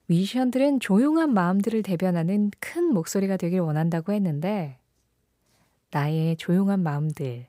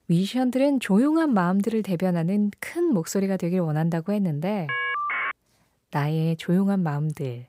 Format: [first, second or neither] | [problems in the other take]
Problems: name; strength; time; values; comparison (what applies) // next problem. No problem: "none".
first | phone ringing; noticeable; at 4.5 s; peak 1 dB below the speech